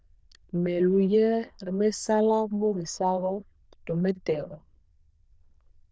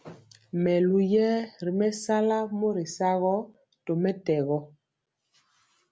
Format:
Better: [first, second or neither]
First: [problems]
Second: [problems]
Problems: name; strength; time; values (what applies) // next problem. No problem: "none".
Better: second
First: noise reduction (neural diffusion model UNIVERSE++)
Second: none